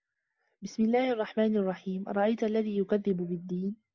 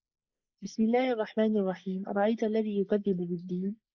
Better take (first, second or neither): first